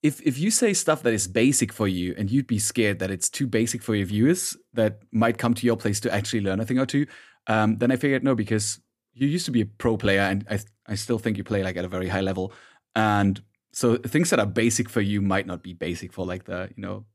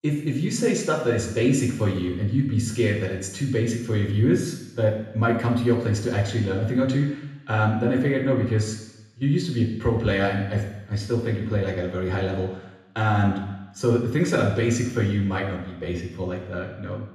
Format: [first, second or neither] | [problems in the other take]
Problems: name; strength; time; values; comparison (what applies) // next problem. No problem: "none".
first | room echo; noticeable; dies away in 1 s // off-mic speech; far